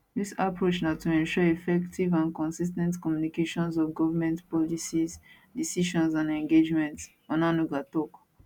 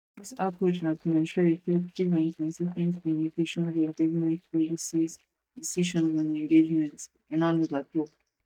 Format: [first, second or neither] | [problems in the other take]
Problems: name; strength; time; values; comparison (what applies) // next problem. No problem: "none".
first | noise reduction (neural mask model DeepFilterNet 3)